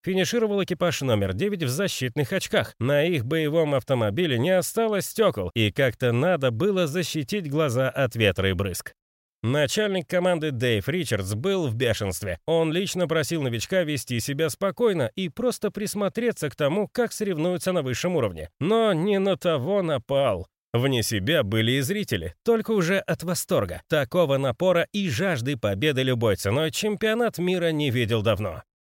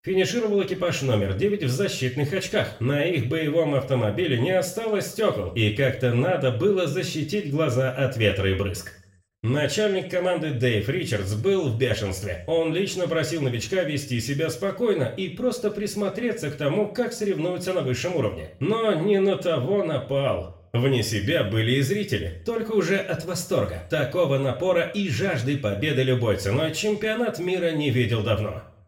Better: first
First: none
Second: room echo; very slight; dies away in 0.5 s // off-mic speech; somewhat distant

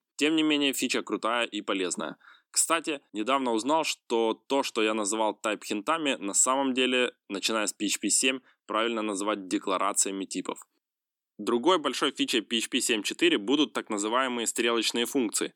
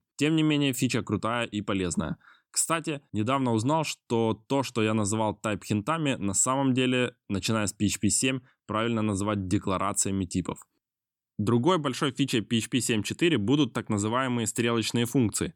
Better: second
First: thin; very slightly; fading below 300 Hz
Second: none

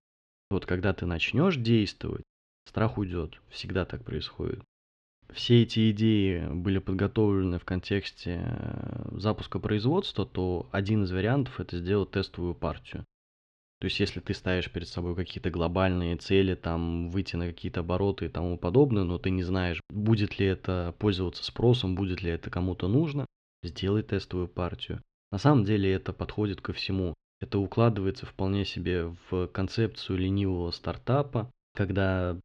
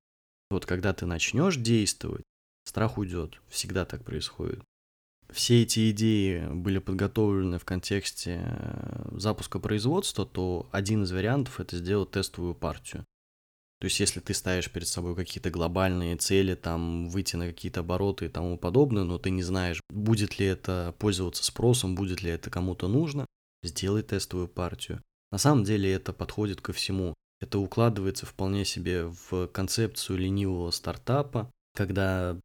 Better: second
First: muffled; slightly; fading above 3.5 kHz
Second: none

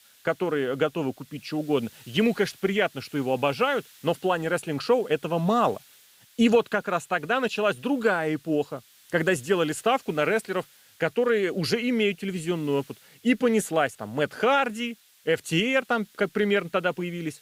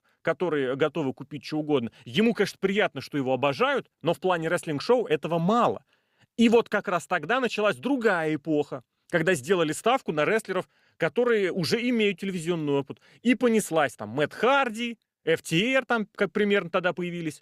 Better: second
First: hiss; faint; throughout; 25 dB below the speech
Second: none

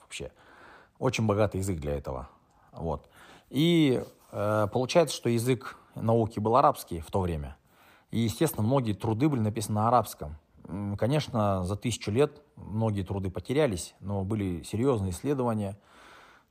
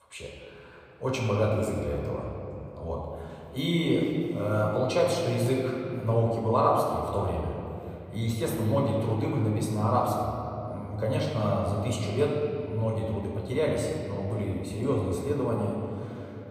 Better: first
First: none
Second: off-mic speech; far // room echo; noticeable; dies away in 2.6 s

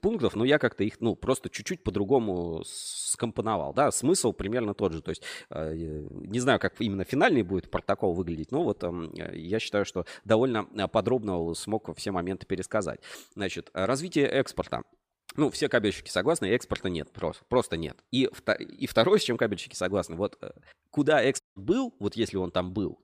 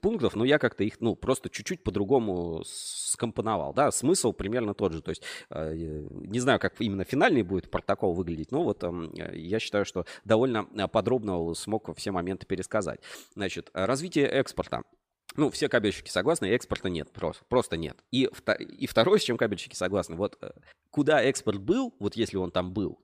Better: second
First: audio cutting out; at 21 s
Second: none

